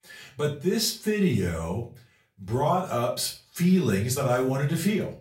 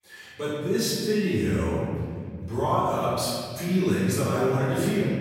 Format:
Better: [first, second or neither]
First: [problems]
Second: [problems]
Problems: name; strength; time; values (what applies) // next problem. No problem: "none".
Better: first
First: room echo; slight; dies away in 0.3 s // off-mic speech; far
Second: room echo; strong; dies away in 2.7 s // off-mic speech; far